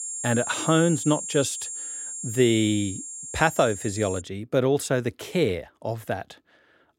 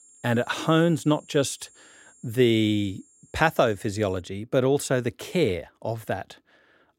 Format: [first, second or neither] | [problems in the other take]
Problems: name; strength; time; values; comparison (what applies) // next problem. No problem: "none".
second | high-pitched whine; loud; until 4 s; 7.5 kHz, 7 dB below the speech; faint in the second